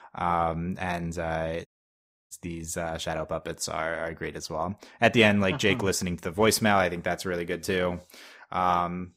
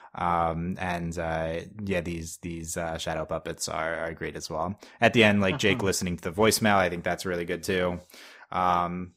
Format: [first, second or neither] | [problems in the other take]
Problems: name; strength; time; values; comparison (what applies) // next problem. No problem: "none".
second | audio cutting out; at 1.5 s for 0.5 s